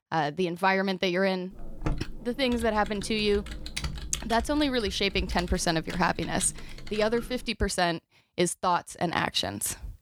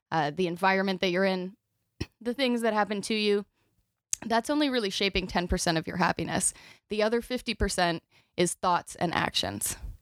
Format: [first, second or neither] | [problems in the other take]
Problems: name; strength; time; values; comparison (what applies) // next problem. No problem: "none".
second | keyboard typing; noticeable; from 1.5 to 7.5 s; peak 7 dB below the speech